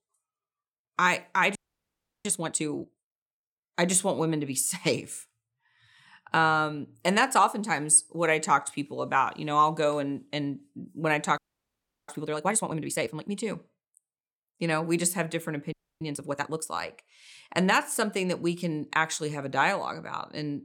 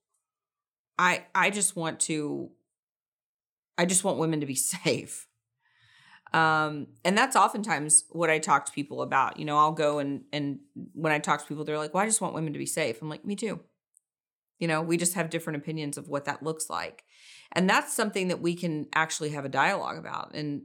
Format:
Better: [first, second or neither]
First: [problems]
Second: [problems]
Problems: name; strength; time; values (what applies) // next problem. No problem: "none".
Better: second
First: audio freezing; at 1.5 s for 0.5 s, at 11 s for 0.5 s and at 16 s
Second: none